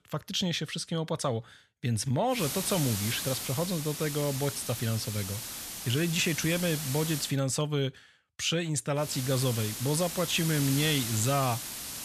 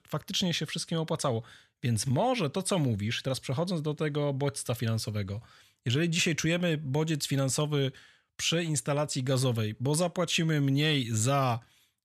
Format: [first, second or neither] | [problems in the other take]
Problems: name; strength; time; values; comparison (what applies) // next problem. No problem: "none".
second | hiss; loud; from 2.5 to 7.5 s and from 9 s on; 5 dB below the speech